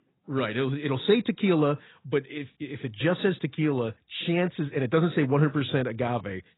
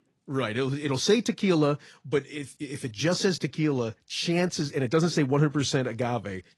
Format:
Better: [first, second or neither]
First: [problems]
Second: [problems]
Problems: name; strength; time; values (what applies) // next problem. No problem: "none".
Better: second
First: garbled, watery; badly; nothing above 4 kHz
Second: garbled, watery; slightly; nothing above 11.5 kHz